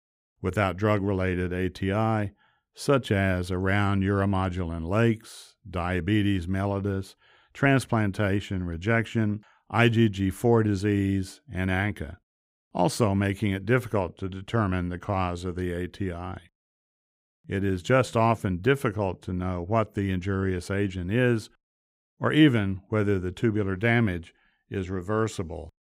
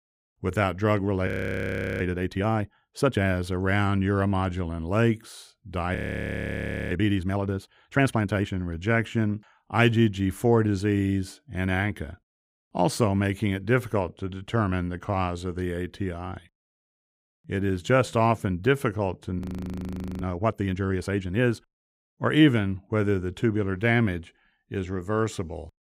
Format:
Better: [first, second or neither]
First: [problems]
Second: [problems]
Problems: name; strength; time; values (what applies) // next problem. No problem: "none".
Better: first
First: none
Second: audio freezing; at 1.5 s for 0.5 s, at 6 s for 1 s and at 19 s for 1 s